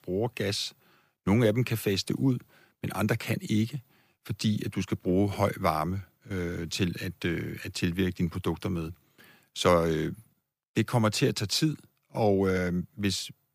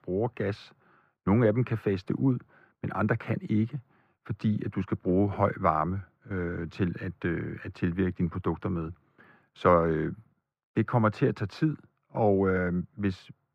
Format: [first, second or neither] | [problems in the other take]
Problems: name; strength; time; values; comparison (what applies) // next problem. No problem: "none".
first | muffled; very; fading above 3.5 kHz